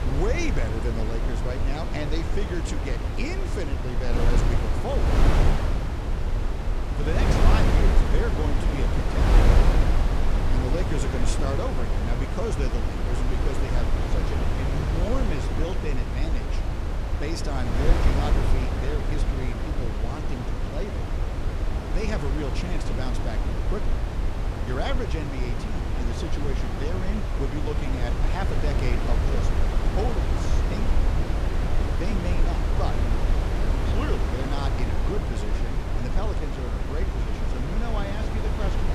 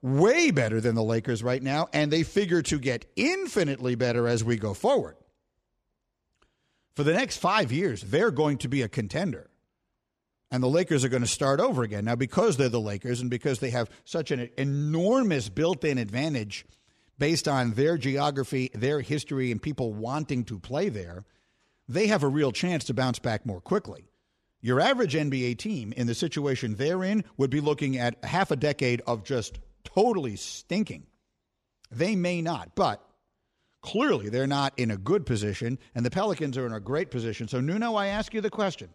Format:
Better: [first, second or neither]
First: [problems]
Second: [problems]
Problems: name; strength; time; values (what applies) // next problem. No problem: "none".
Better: second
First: wind noise on the microphone; heavy; 2 dB above the speech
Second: none